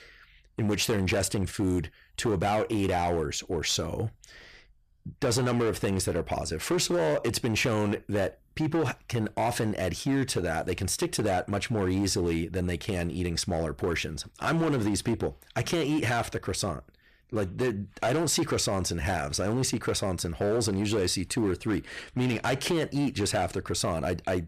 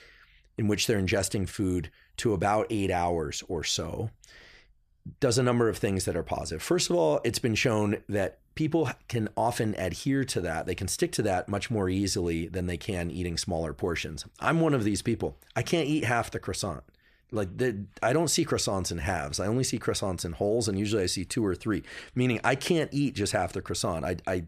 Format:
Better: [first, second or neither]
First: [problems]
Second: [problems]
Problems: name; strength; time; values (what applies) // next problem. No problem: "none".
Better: second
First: distortion; slight; 11% of the sound clipped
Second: none